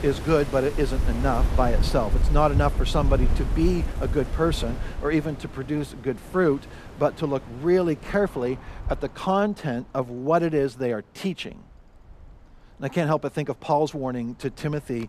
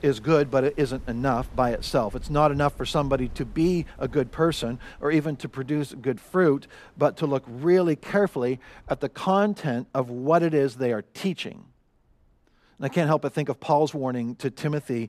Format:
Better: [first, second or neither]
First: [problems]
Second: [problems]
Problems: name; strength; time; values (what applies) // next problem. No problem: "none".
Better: second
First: wind in the background; loud; throughout; 4 dB below the speech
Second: wind in the background; faint; throughout; 20 dB below the speech